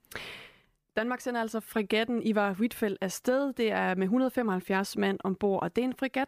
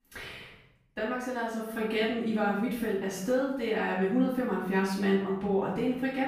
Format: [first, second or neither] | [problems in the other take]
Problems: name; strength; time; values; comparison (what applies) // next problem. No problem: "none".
first | off-mic speech; far // room echo; noticeable; dies away in 0.8 s